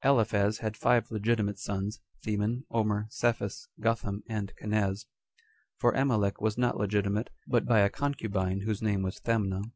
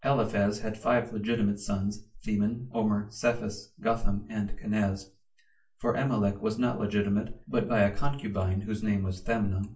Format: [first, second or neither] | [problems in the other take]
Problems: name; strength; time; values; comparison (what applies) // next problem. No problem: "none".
first | room echo; dies away in 0.3 s